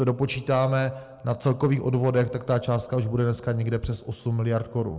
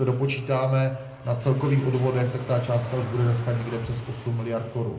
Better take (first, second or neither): first